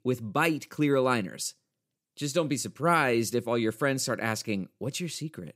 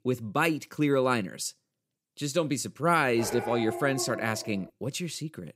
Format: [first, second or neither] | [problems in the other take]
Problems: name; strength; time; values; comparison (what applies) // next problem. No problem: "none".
first | dog barking; noticeable; from 3 to 4.5 s; peak 7 dB below the speech